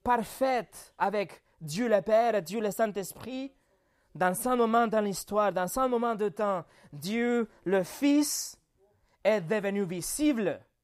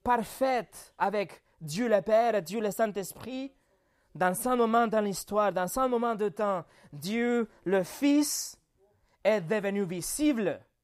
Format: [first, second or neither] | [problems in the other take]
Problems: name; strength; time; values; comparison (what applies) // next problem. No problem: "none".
neither | none